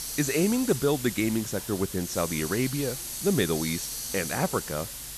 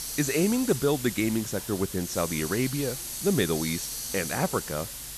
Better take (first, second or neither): neither